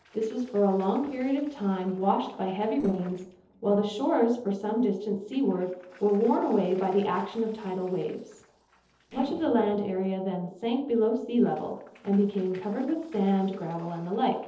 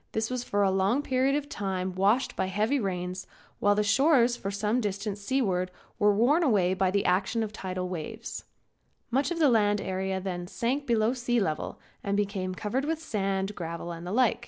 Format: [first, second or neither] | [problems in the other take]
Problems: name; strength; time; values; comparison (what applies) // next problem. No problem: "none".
second | noise reduction (neural separator model SepFormer DNS4)